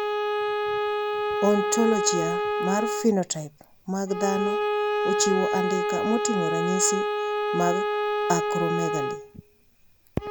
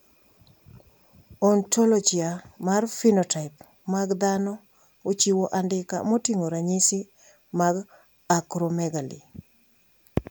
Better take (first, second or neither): second